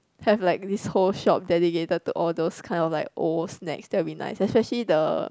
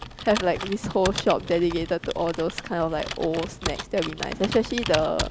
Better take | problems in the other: first | background sound (Computer keyboard); 8 dB below the speech

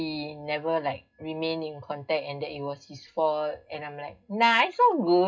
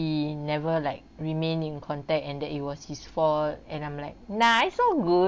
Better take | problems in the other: second | noise reduction (classical method WPE with log-MMSE)

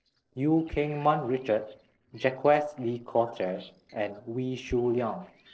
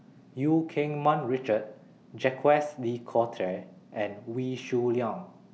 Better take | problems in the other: second | noise reduction (neural separator model SepFormer DNS4)

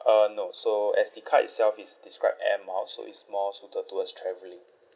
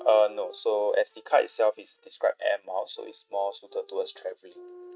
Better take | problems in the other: first | noise reduction (neural mask model RNNoise)

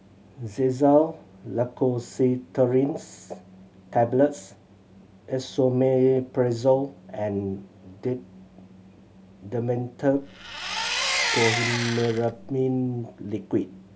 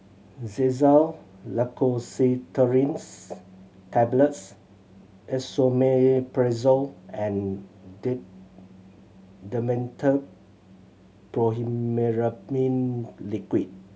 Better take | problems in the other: second | background sound (Engine); 2 dB below the speech

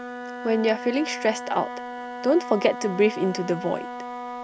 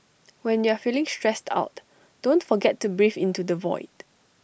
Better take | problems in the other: second | background sound (Wind instrument, woodwind instrument); 9 dB below the speech

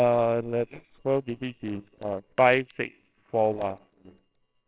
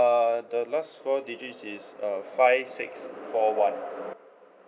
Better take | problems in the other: second | noise reduction (neural separator model SepFormer WHAMR!)

